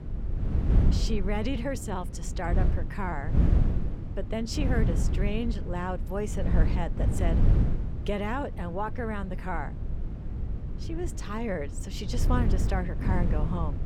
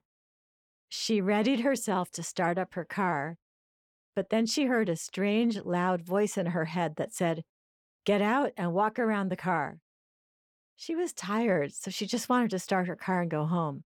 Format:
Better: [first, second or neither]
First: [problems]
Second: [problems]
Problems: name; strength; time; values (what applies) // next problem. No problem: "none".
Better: second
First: wind noise on the microphone; heavy; 7 dB below the speech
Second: none